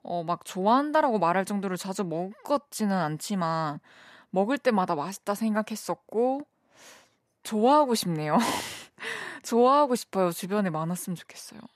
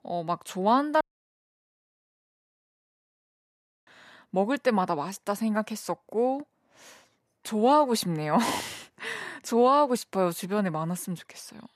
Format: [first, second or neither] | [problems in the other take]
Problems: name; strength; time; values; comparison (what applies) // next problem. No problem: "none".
first | audio cutting out; at 1 s for 3 s